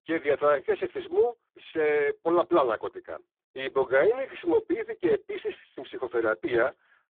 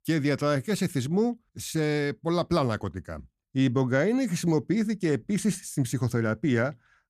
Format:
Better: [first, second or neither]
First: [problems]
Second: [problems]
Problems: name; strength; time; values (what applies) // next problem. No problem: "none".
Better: second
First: phone-call audio; poor line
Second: none